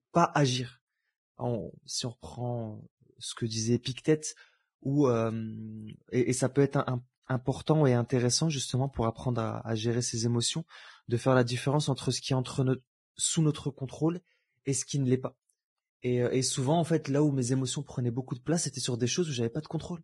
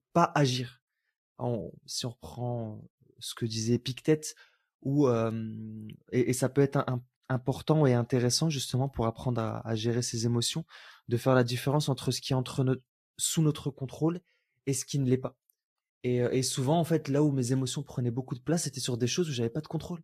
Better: second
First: garbled, watery; badly; nothing above 10 kHz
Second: garbled, watery; slightly; nothing above 14.5 kHz

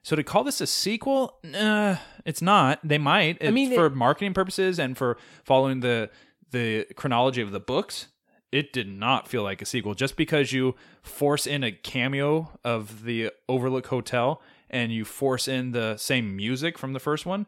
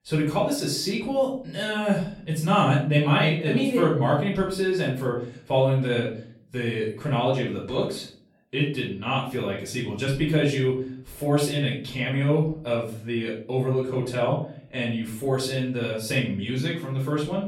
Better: first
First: none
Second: off-mic speech; far // room echo; noticeable; dies away in 0.5 s

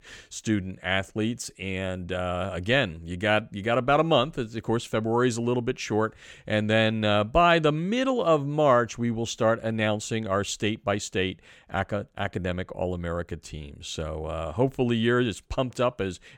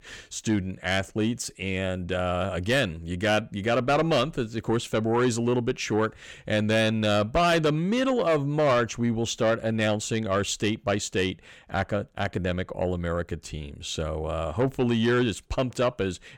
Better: first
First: none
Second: distortion; slight; 10 dB below the speech

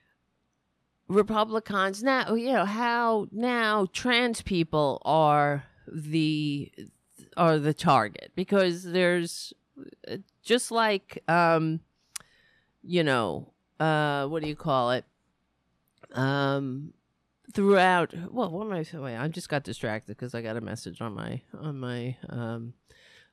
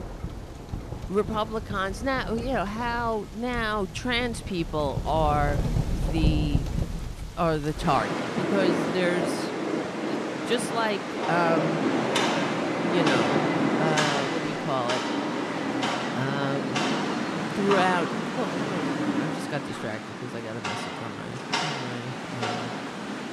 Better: first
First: none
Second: rain or running water; very loud; throughout; as loud as the speech

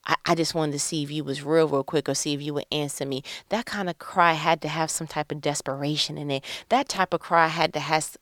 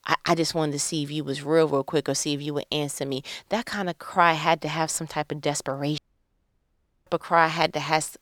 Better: first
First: none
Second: audio cutting out; at 6 s for 1 s

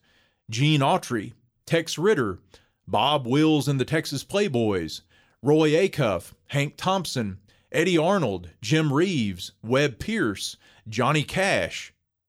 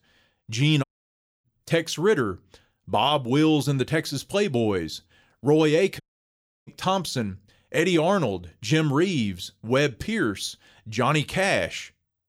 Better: first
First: none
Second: audio cutting out; at 1 s for 0.5 s and at 6 s for 0.5 s

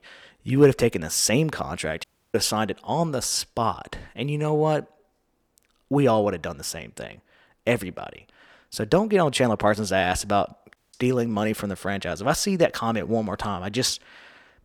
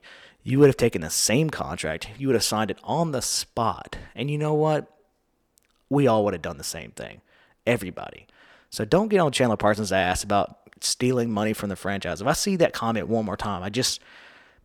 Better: second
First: audio cutting out; at 2 s and at 11 s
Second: none

